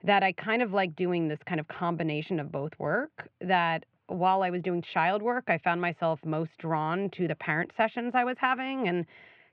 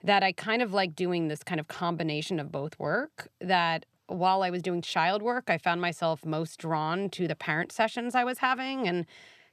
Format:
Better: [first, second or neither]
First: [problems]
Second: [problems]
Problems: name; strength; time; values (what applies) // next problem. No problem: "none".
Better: second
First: muffled; very; fading above 2.5 kHz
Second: none